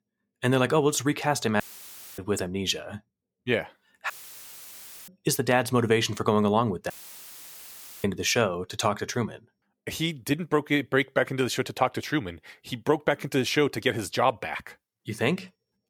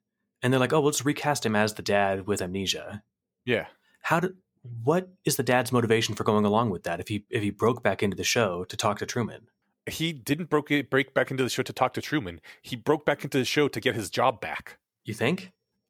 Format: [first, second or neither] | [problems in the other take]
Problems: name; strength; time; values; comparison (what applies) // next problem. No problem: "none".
second | audio cutting out; filled with static; at 1.5 s for 0.5 s, at 4 s for 1 s and at 7 s for 1 s